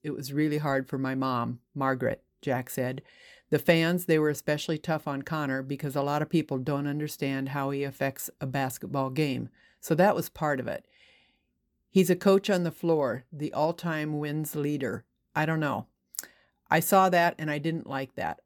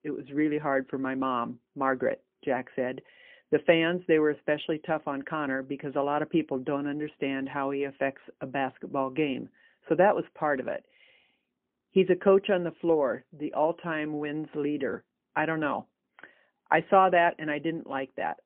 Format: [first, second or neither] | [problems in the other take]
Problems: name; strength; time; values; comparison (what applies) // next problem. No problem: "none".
first | phone-call audio; poor line